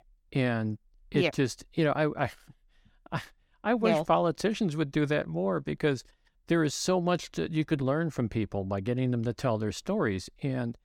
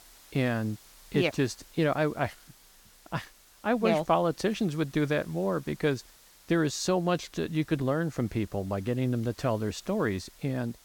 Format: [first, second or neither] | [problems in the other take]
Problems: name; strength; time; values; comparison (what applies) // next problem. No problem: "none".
first | hiss; faint; throughout; 25 dB below the speech